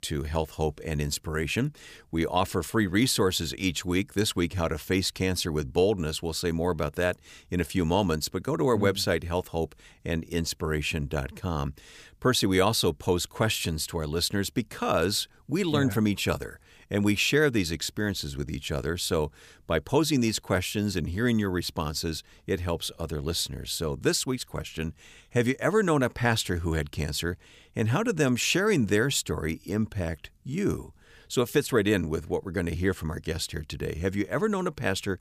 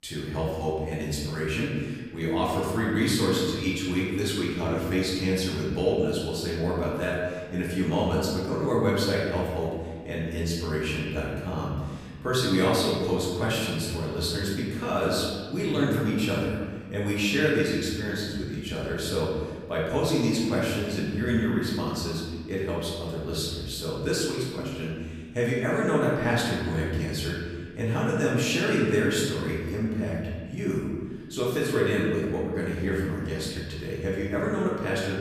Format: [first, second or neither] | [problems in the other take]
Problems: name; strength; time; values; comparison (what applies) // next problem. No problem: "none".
first | room echo; noticeable; dies away in 1.5 s // off-mic speech; far